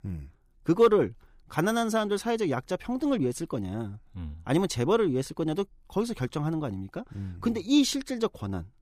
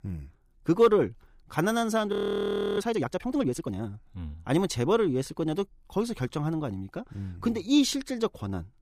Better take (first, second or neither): first